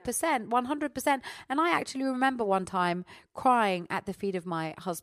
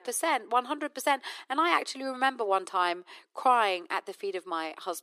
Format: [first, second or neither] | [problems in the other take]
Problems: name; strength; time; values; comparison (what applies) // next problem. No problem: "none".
first | thin; somewhat; fading below 300 Hz